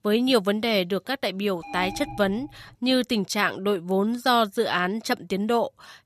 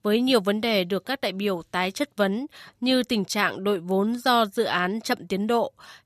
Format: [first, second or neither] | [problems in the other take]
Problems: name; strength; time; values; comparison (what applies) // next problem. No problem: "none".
second | alarm; faint; from 1.5 to 2.5 s; peak 10 dB below the speech